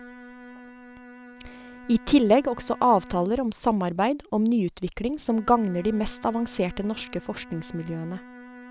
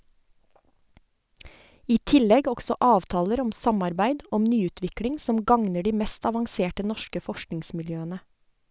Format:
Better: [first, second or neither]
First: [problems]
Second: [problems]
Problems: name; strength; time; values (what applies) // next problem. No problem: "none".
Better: second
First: background sound (Bowed string instrument); 20 dB below the speech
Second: none